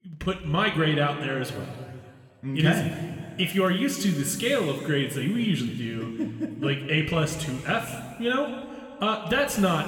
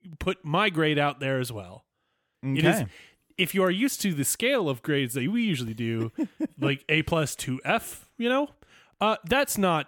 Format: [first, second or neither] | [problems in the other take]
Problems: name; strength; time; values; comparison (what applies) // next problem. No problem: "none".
second | room echo; slight; dies away in 2 s // off-mic speech; somewhat distant